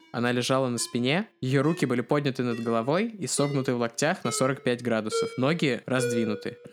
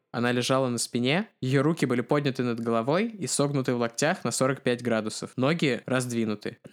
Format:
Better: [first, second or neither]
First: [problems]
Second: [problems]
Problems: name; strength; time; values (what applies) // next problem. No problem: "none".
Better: second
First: phone ringing; noticeable; from 1 s on; peak 4 dB below the speech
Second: none